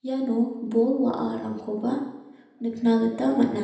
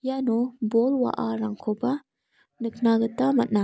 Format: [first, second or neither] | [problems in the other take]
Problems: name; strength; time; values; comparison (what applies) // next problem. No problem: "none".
second | room echo; dies away in 0.9 s